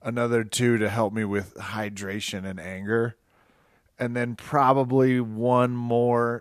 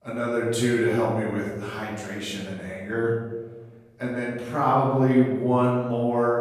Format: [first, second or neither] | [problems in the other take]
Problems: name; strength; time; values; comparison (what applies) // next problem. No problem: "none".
first | room echo; noticeable; dies away in 1.1 s // off-mic speech; far